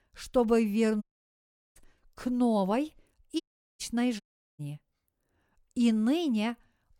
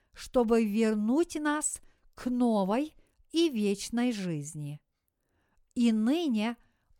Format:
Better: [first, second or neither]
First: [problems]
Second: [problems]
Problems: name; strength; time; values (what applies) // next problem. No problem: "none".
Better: second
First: audio cutting out; at 1 s for 0.5 s, at 3.5 s and at 4 s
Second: none